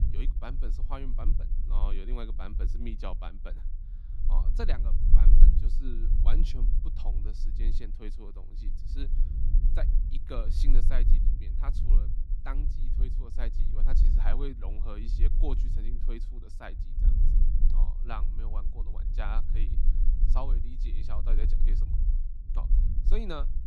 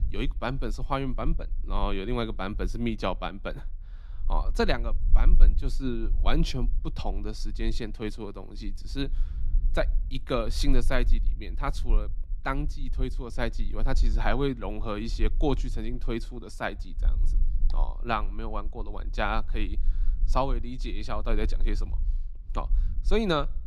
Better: second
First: low rumble; loud; throughout; 8 dB below the speech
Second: low rumble; faint; throughout; 25 dB below the speech

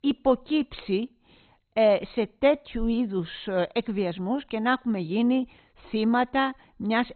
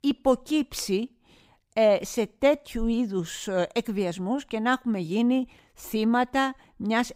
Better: second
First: garbled, watery; badly; nothing above 4 kHz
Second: none

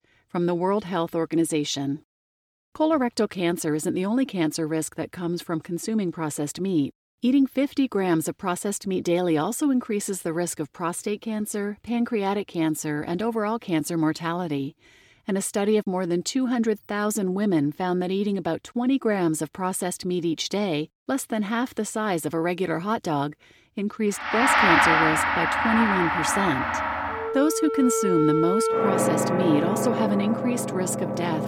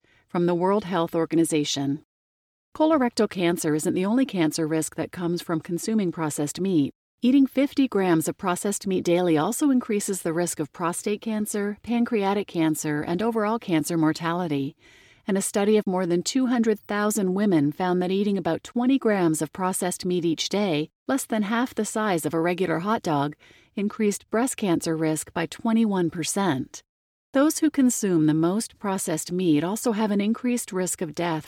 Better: second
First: background music; very loud; from 24 s on; 2 dB above the speech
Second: none

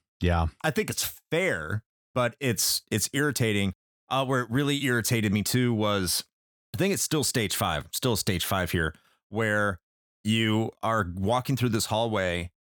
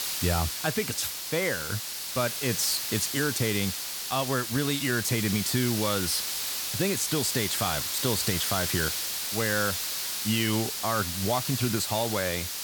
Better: first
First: none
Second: hiss; loud; throughout; 1 dB below the speech

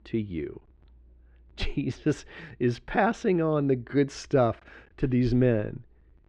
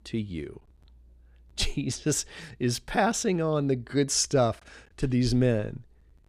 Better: second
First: muffled; very; fading above 2 kHz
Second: none

